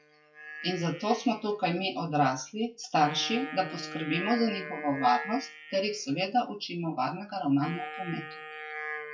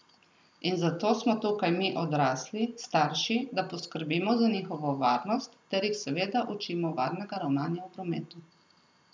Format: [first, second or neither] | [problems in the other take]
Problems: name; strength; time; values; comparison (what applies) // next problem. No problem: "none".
second | noise reduction (classical method WPE with log-MMSE)